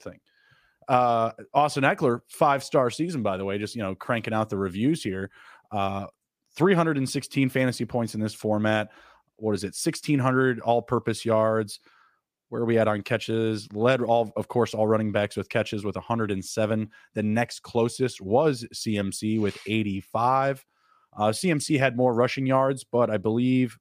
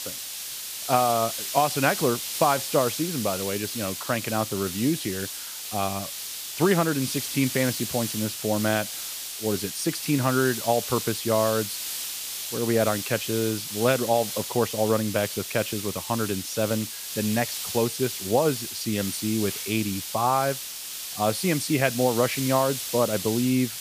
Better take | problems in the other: first | hiss; loud; throughout; 5 dB below the speech

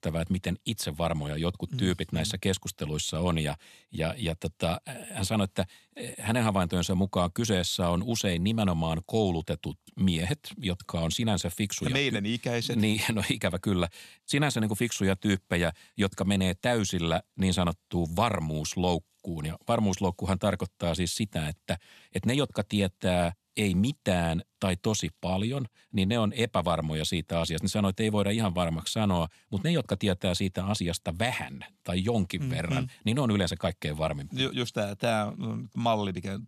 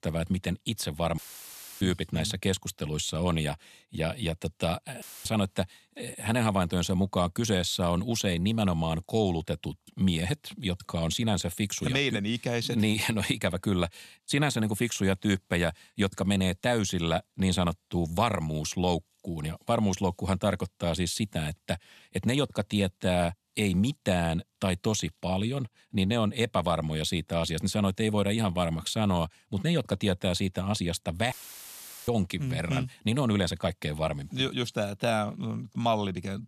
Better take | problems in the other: first | audio cutting out; filled with static; at 1 s for 0.5 s, at 5 s and at 31 s for 1 s

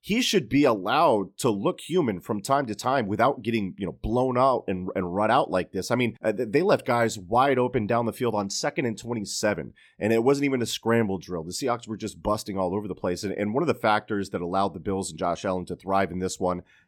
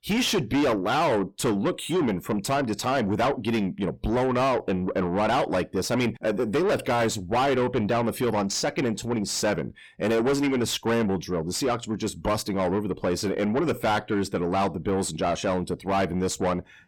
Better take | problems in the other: first | distortion; heavy; 7 dB below the speech

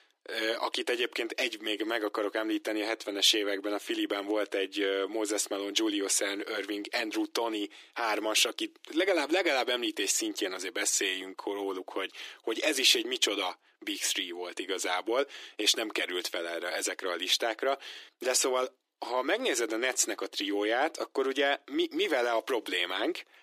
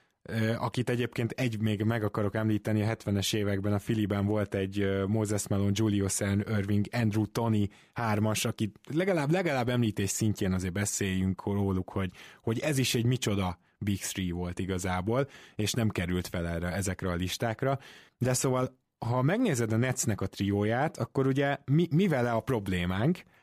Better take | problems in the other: second | thin; very; fading below 300 Hz

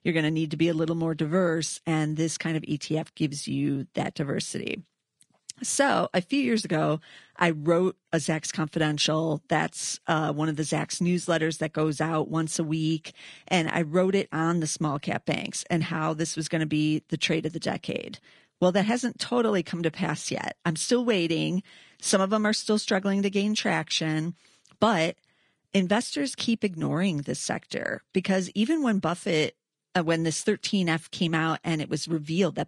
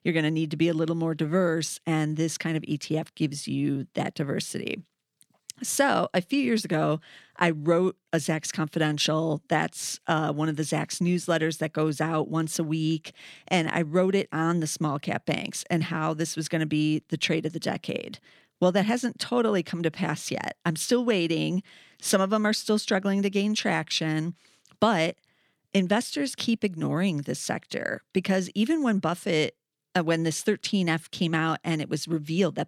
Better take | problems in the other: second | garbled, watery; slightly; nothing above 10 kHz

